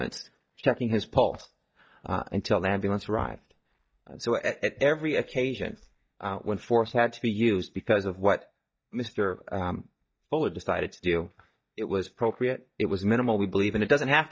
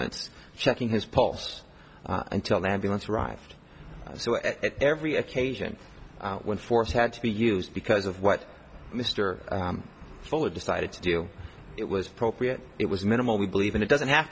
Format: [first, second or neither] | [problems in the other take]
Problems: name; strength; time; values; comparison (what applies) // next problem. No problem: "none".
second | noise reduction (neural mask model DeepFilterNet 3)